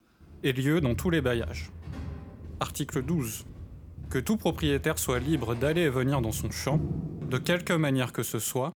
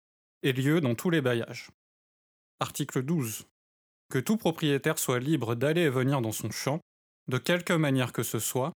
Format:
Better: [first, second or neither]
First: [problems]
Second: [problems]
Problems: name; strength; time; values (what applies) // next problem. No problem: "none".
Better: second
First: footsteps; noticeable; from 1 to 8 s; peak 2 dB below the speech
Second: none